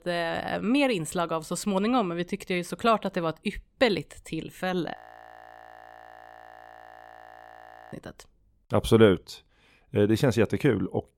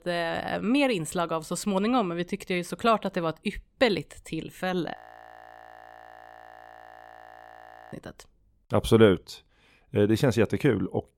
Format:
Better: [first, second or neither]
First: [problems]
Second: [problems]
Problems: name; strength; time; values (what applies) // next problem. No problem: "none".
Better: neither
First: audio freezing; at 5 s for 3 s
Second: audio freezing; at 5 s for 3 s